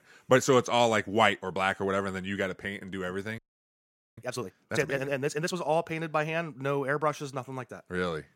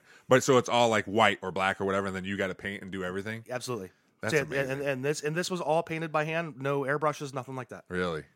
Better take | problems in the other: second | audio freezing; at 3.5 s for 1 s

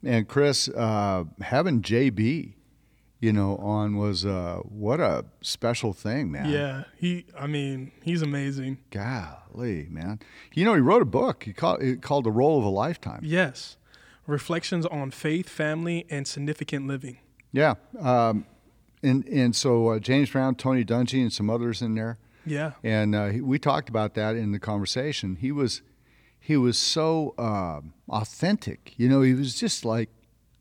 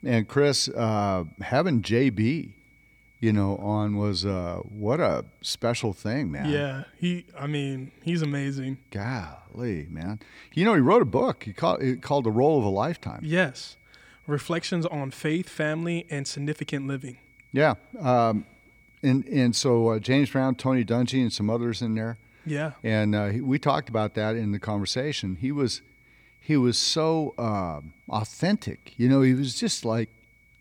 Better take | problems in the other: first | high-pitched whine; faint; throughout; 2 kHz, 35 dB below the speech

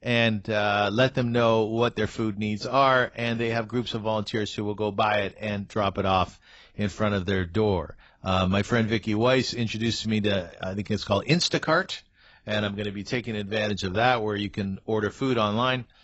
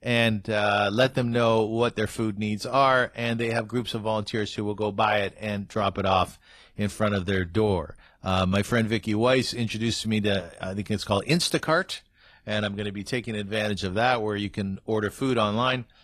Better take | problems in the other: second | garbled, watery; badly; nothing above 8 kHz; slightly in the second

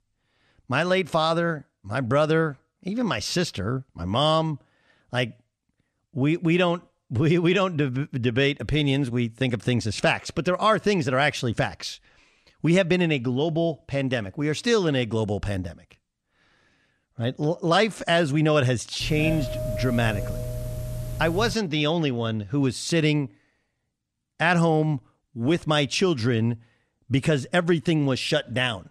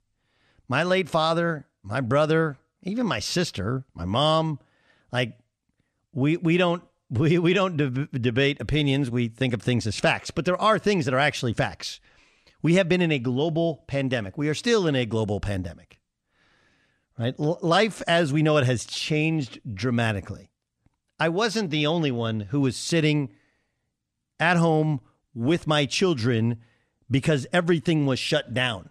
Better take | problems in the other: second | doorbell; noticeable; from 19 to 22 s; peak 6 dB below the speech

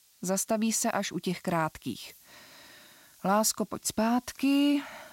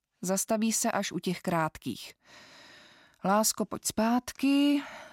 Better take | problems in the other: second | hiss; faint; throughout; 25 dB below the speech

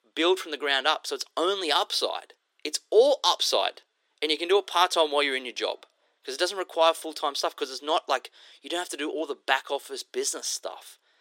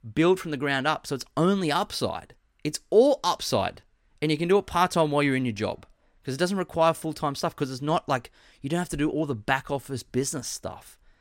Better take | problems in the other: second | thin; very; fading below 350 Hz

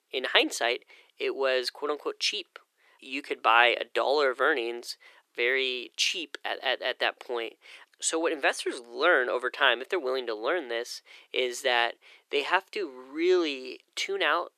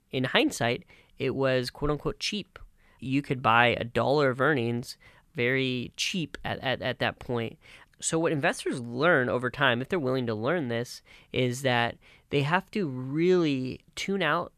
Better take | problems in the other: second | thin; very; fading below 350 Hz

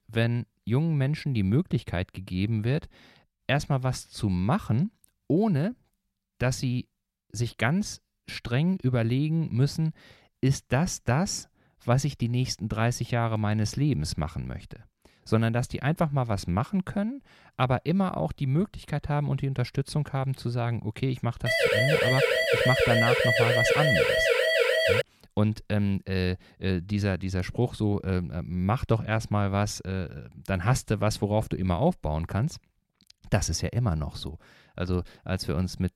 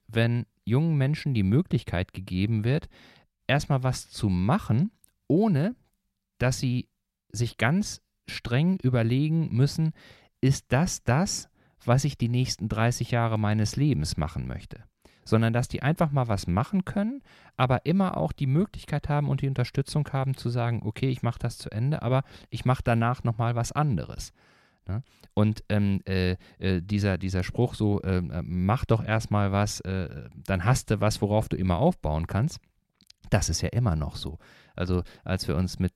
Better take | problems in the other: second | siren; loud; from 21 to 25 s; peak 6 dB above the speech

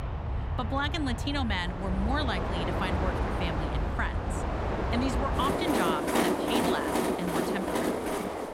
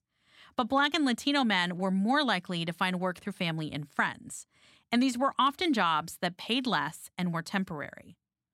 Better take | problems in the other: second | train or aircraft noise; very loud; throughout; 3 dB above the speech

